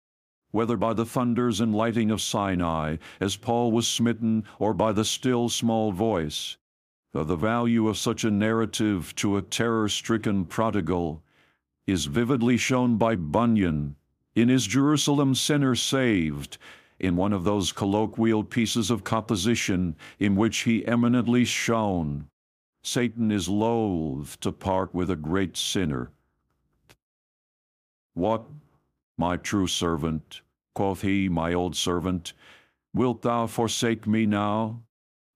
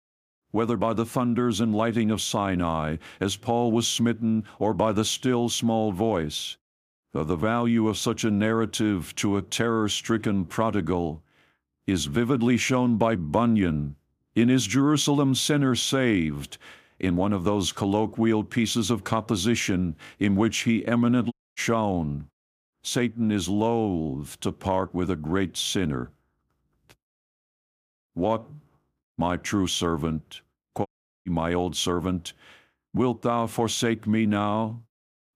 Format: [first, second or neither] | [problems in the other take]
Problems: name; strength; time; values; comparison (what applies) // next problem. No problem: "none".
first | audio cutting out; at 21 s and at 31 s